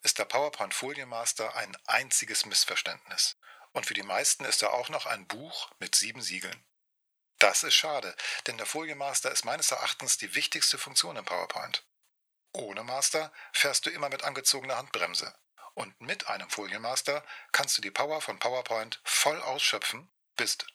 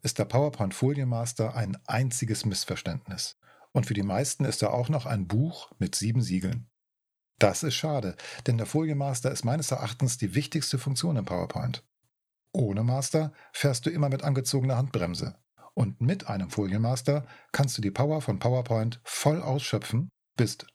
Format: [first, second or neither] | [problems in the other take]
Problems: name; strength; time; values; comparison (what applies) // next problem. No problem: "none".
second | thin; very; fading below 900 Hz